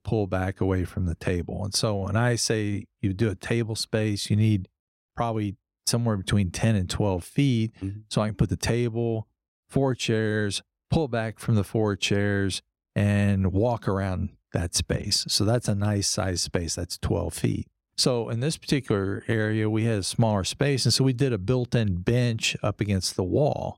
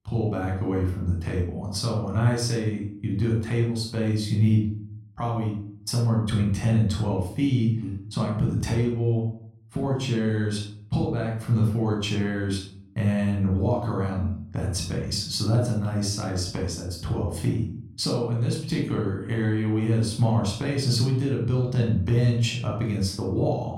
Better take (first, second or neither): first